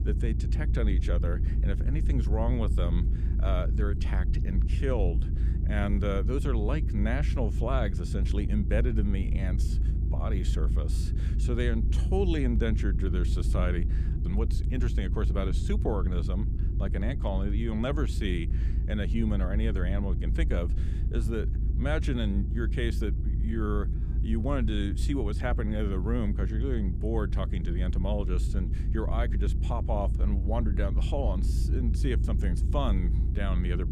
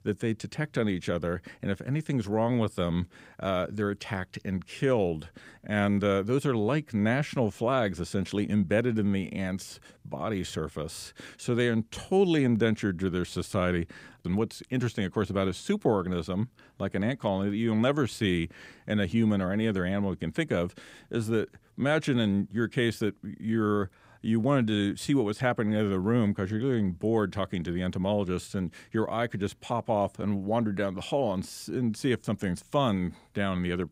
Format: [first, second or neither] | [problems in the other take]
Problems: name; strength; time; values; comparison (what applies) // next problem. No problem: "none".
second | low rumble; loud; throughout; 9 dB below the speech